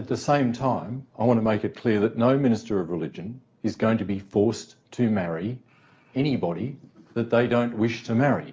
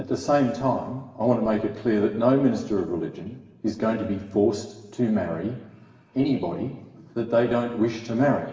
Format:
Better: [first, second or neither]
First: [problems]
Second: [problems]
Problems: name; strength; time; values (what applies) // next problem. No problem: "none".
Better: first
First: none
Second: room echo; dies away in 1.2 s